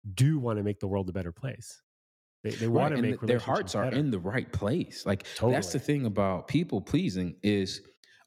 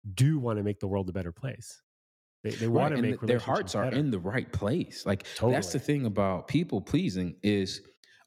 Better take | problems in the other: neither | none

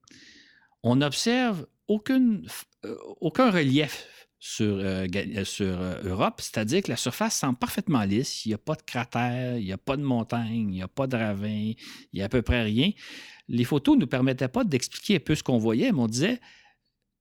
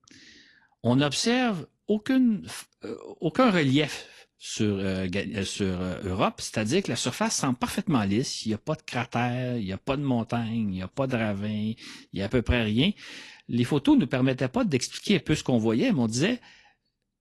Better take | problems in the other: first | garbled, watery; slightly; nothing above 12 kHz

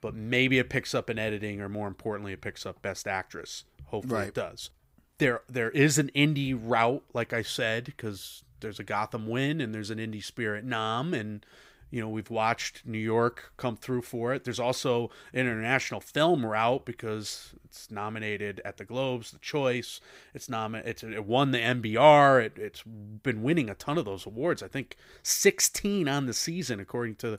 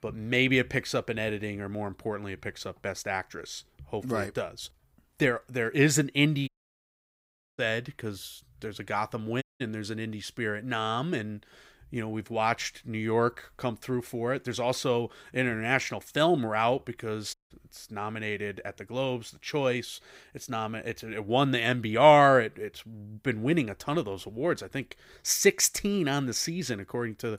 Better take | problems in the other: first | audio cutting out; at 6.5 s for 1 s, at 9.5 s and at 17 s

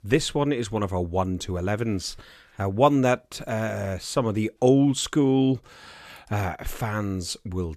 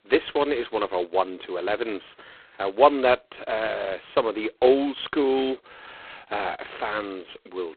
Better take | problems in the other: first | phone-call audio; poor line; nothing above 4 kHz

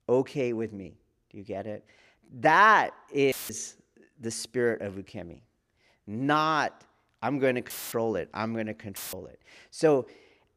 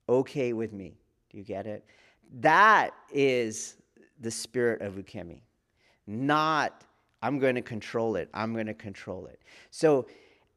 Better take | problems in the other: second | audio cutting out; filled with static; at 3.5 s, at 7.5 s and at 9 s

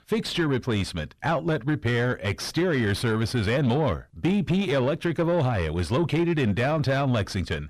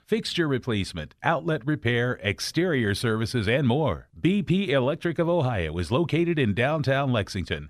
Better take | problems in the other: second | distortion; slight; 10 dB below the speech

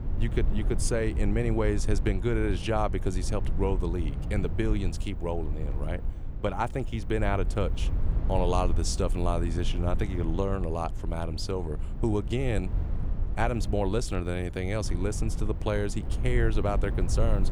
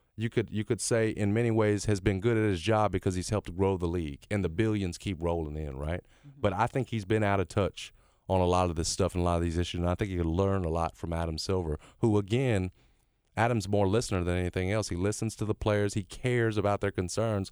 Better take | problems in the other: second | low rumble; noticeable; throughout; 15 dB below the speech

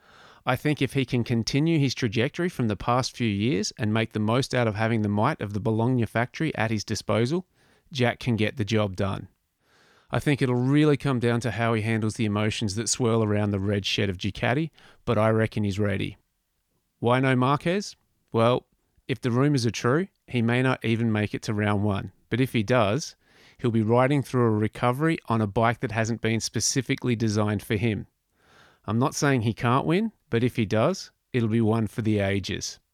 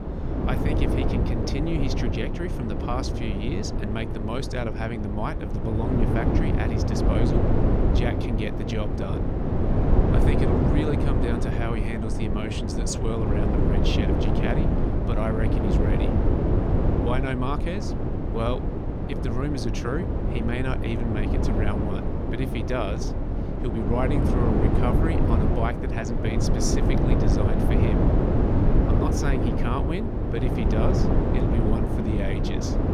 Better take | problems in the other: first | wind noise on the microphone; heavy; 2 dB above the speech

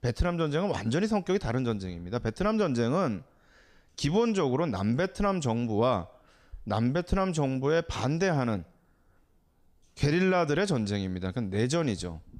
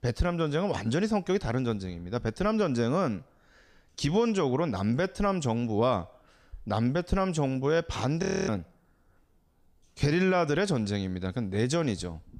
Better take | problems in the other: first | audio freezing; at 8 s

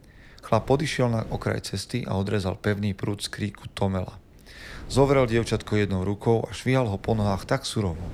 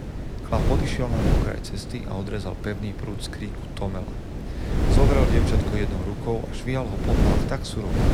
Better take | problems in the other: first | wind noise on the microphone; heavy; 1 dB below the speech; occasional gusts in the first

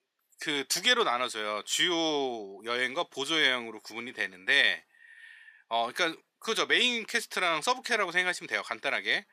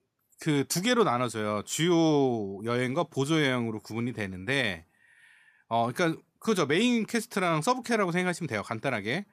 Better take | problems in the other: second | thin; somewhat; fading below 450 Hz

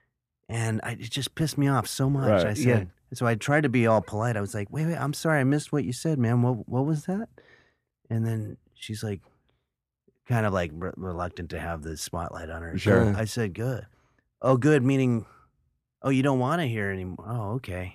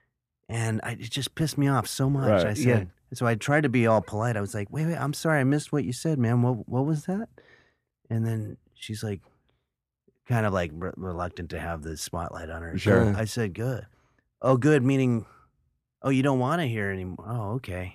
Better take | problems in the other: neither | none

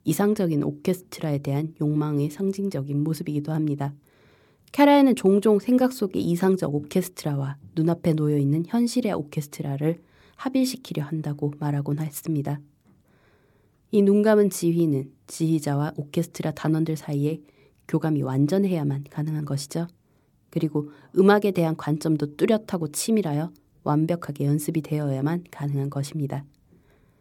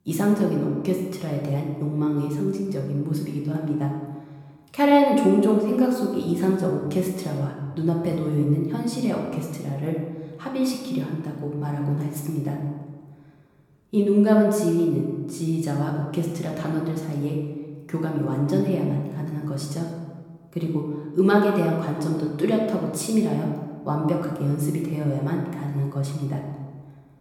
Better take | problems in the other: first | room echo; noticeable; dies away in 1.2 s // off-mic speech; somewhat distant

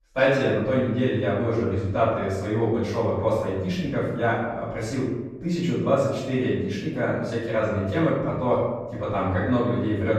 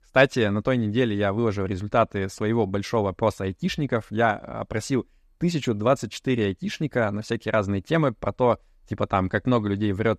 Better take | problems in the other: second | off-mic speech; far // room echo; noticeable; dies away in 1 s

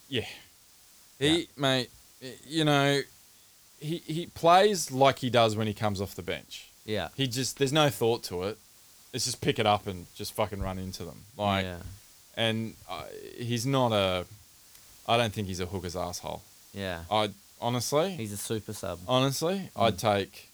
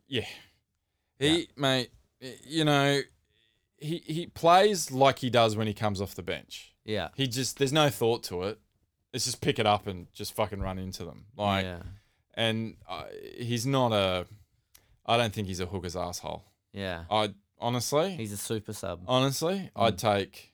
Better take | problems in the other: second | hiss; faint; throughout; 25 dB below the speech

